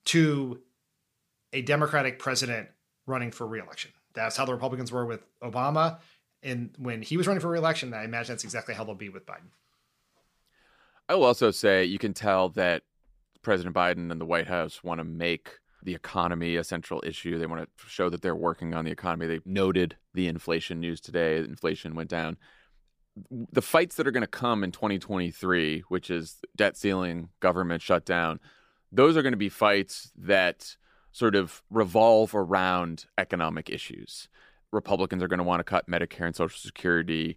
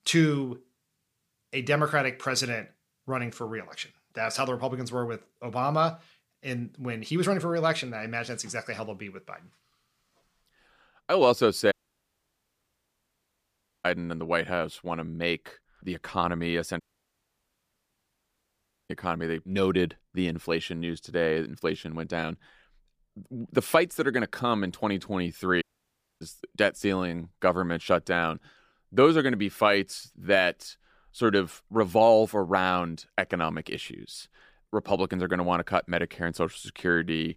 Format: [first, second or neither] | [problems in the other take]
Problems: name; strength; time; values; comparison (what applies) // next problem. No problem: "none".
first | audio cutting out; at 12 s for 2 s, at 17 s for 2 s and at 26 s for 0.5 s